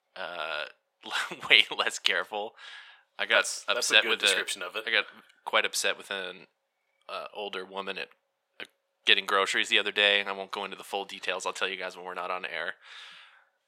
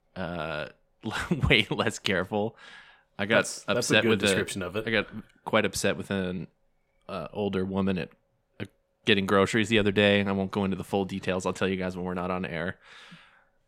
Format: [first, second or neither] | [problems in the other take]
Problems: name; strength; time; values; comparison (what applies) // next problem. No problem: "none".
second | thin; very; fading below 700 Hz